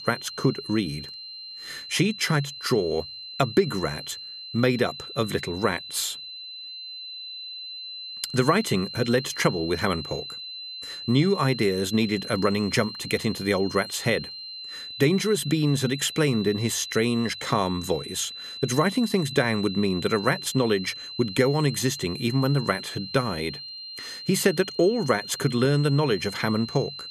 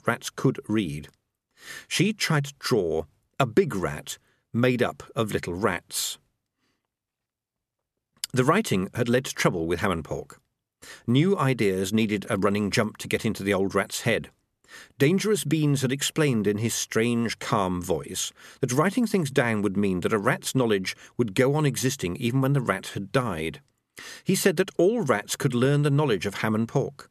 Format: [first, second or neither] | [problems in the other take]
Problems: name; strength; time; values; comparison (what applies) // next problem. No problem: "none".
second | high-pitched whine; noticeable; throughout; 4 kHz, 10 dB below the speech